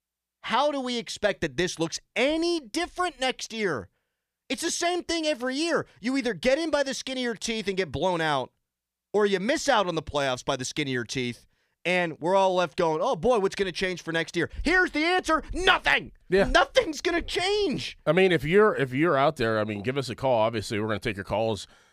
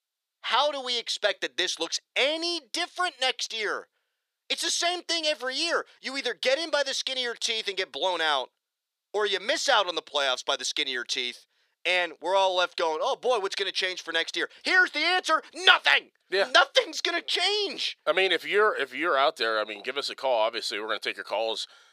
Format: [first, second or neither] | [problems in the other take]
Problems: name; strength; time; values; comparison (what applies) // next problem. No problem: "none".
first | thin; very; fading below 450 Hz